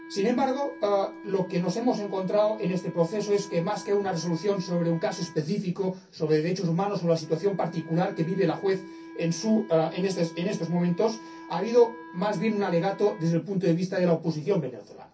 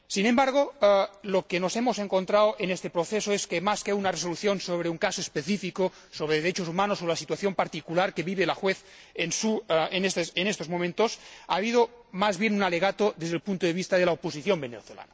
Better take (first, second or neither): second